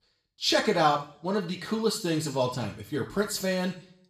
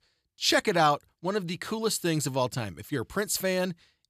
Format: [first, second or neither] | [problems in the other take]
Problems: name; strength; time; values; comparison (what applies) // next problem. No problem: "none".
second | room echo; slight; dies away in 0.5 s // off-mic speech; somewhat distant